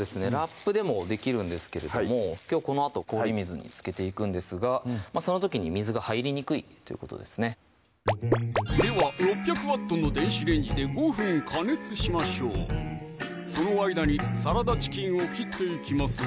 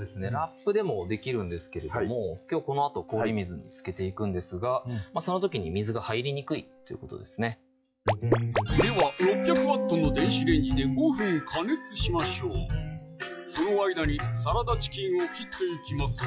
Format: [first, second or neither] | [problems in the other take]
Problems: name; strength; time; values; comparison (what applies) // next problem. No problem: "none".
first | noise reduction (classical method log-MMSE)